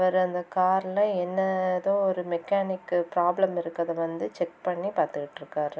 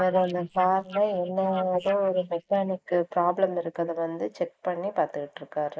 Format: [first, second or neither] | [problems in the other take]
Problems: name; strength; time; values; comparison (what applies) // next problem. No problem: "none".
first | noise reduction (neural mask model Resemble Enhance denoiser)